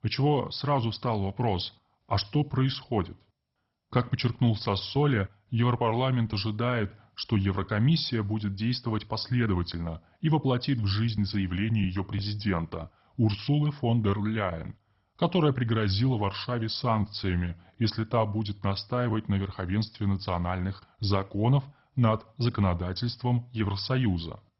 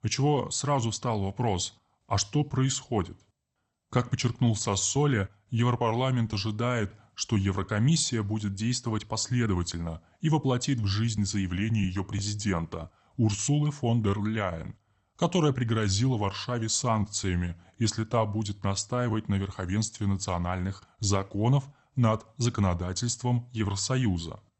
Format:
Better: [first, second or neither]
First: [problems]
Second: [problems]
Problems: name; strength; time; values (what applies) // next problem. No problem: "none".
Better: second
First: garbled, watery; badly; nothing above 5.5 kHz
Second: garbled, watery; slightly; nothing above 8 kHz